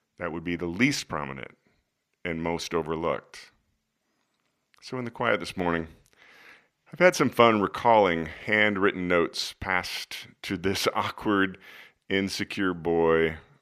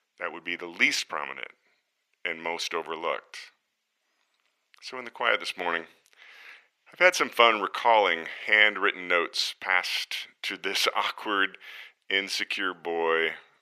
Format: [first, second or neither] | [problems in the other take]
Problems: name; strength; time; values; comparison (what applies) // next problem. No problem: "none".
first | thin; somewhat; fading below 500 Hz